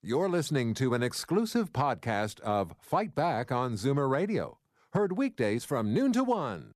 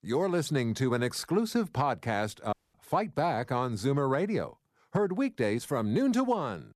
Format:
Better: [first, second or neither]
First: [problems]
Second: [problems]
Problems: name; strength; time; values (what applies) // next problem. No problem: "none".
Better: first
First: none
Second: audio cutting out; at 2.5 s